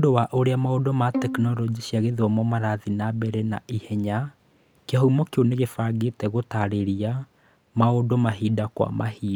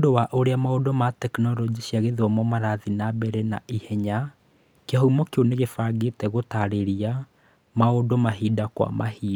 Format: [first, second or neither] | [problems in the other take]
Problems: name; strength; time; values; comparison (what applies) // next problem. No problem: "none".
second | background sound (Bowed string instrument); 11 dB below the speech